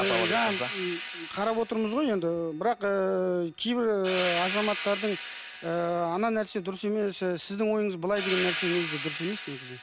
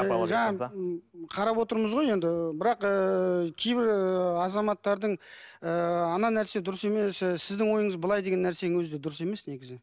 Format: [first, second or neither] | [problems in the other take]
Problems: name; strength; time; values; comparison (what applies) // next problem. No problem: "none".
second | background sound (Hi-hat); 8 dB below the speech